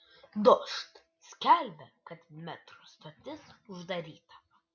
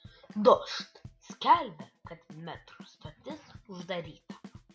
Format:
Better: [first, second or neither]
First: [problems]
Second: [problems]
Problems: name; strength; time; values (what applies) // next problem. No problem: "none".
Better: first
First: none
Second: background sound (Bass drum / Snare drum / Drum kit); 20 dB below the speech